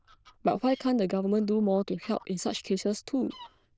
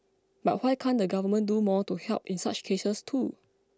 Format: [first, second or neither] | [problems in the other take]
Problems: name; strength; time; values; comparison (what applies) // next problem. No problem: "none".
second | noise reduction (neural diffusion model UNIVERSE++)